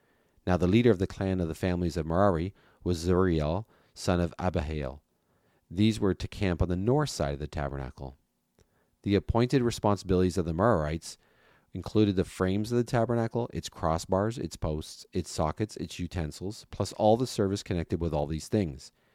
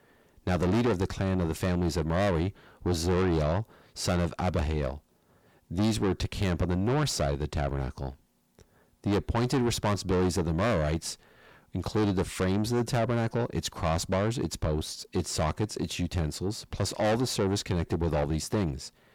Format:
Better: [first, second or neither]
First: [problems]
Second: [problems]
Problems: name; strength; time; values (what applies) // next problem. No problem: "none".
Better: first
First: none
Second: distortion; heavy; 6 dB below the speech